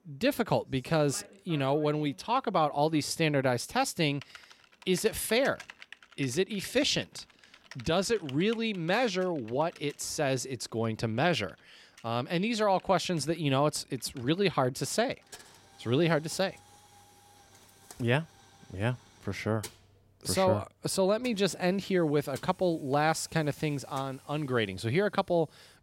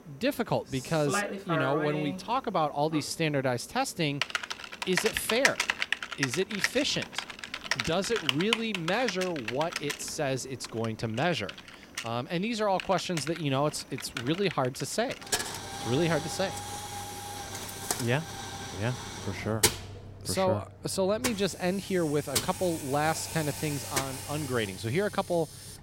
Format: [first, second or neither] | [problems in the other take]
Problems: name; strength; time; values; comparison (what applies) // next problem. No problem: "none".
first | household noises; loud; throughout; 3 dB below the speech; faint in the first